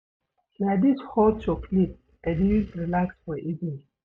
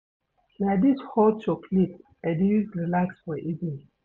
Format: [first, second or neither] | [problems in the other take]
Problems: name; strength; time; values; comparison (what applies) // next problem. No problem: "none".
second | noise reduction (neural mask model RNNoise)